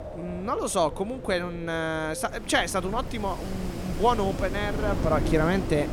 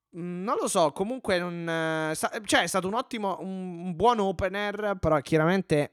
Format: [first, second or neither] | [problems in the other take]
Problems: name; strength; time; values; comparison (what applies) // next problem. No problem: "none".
second | wind in the background; loud; throughout; 7 dB below the speech